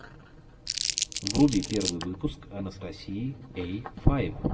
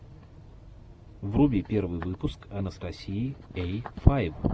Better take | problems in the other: second | background sound (Crumpling, crinkling); 4 dB below the speech // room echo; dies away in 0.7 s

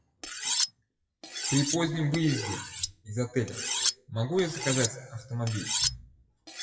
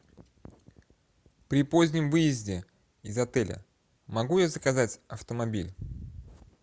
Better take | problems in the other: second | noise reduction (classical method WPE with log-MMSE)

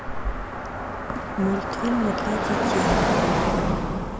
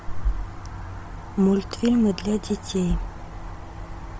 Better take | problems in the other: second | background sound (Car passing by); 4 dB above the speech

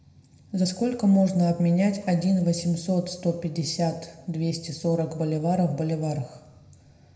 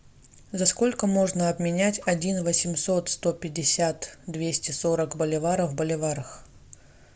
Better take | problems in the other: second | room echo; dies away in 0.7 s

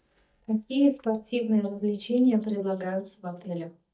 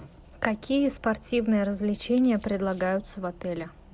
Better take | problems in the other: second | noise reduction (neural mask model DeepFilterNet 3)

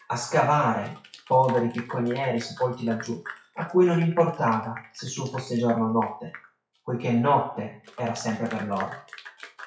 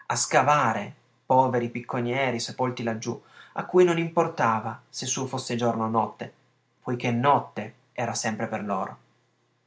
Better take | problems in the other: second | noise reduction (classical method WPE with log-MMSE)

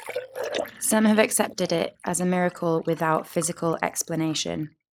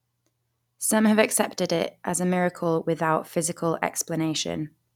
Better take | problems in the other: second | noise reduction (neural mask model Resemble Enhance denoiser)

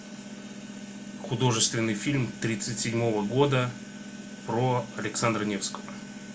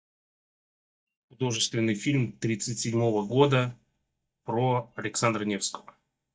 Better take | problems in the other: first | noise reduction (neural mask model DeepFilterNet 3)

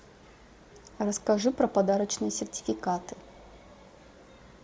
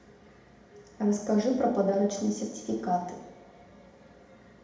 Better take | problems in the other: first | room echo; dies away in 0.8 s

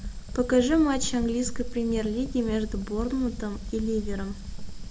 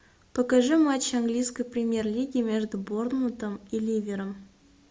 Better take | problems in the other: second | background sound (Fire); 7 dB below the speech

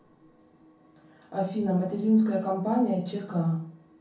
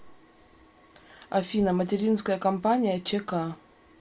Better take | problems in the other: second | room echo; dies away in 0.5 s

